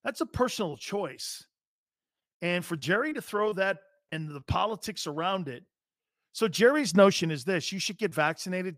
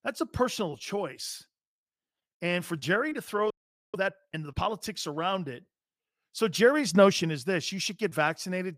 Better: first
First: none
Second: audio freezing; at 3.5 s

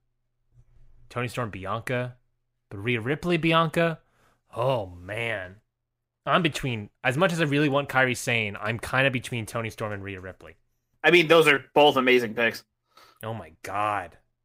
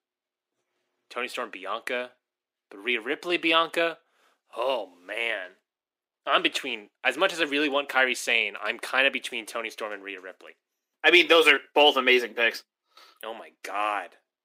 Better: first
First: none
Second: thin; somewhat; fading below 300 Hz

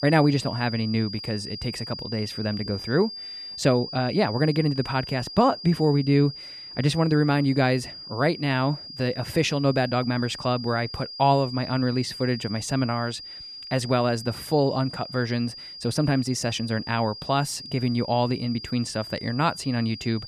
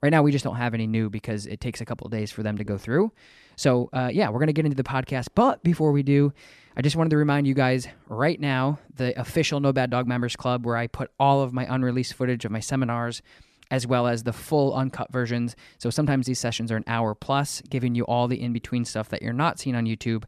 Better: second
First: high-pitched whine; noticeable; throughout; 5 kHz, 10 dB below the speech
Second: none

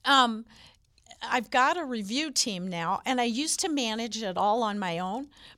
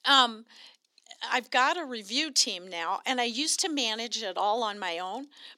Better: first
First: none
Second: thin; very slightly; fading below 250 Hz

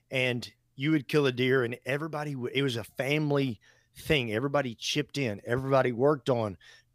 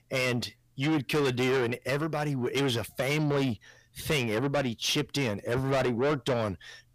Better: first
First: none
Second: distortion; heavy; 6 dB below the speech

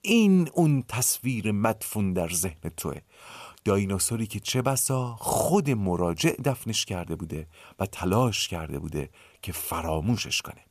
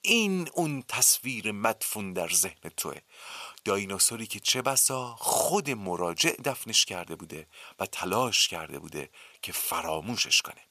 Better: first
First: none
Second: thin; somewhat; fading below 750 Hz

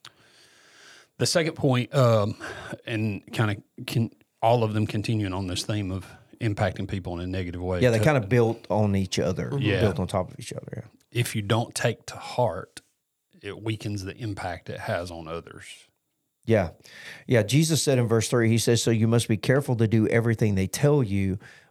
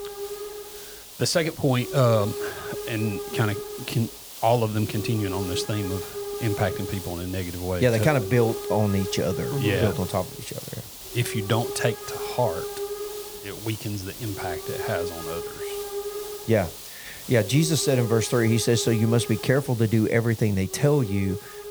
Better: first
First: none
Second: hiss; loud; throughout; 9 dB below the speech

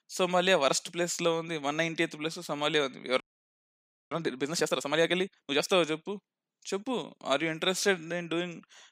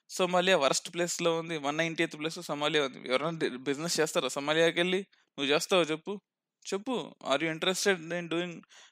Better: second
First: audio freezing; at 3 s for 1 s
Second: none

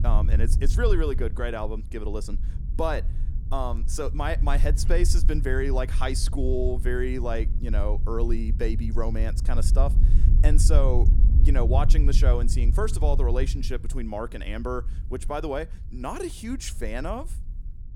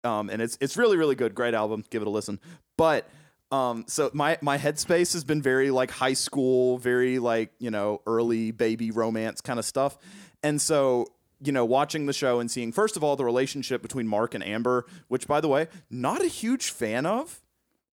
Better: second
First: wind noise on the microphone; occasional gusts; 15 dB below the speech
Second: none

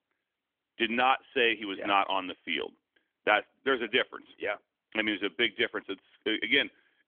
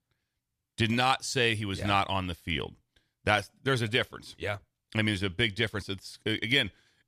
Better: second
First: phone-call audio; nothing above 3.5 kHz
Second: none

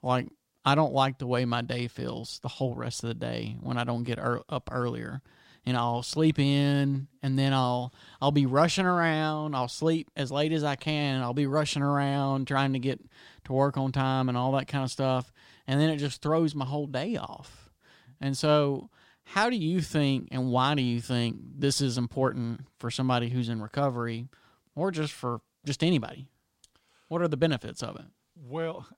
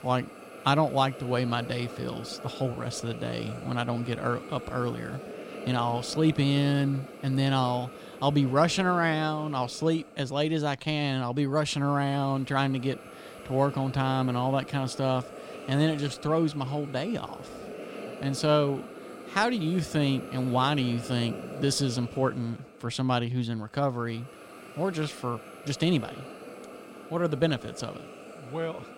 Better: first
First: none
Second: hiss; noticeable; throughout; 15 dB below the speech

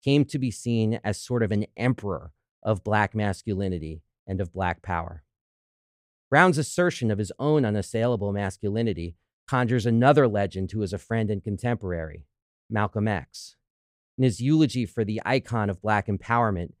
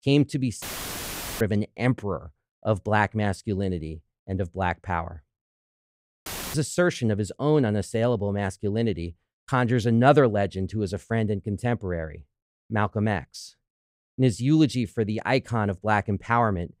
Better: first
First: none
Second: audio cutting out; filled with static; at 0.5 s for 1 s and at 6.5 s

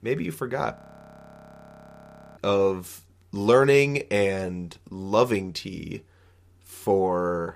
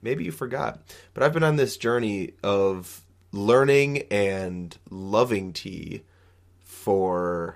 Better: second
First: audio freezing; at 1 s for 1.5 s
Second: none

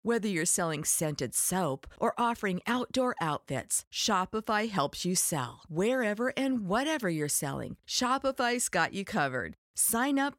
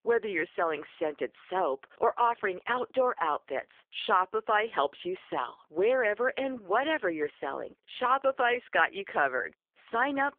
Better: first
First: none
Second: phone-call audio; poor line; nothing above 3.5 kHz

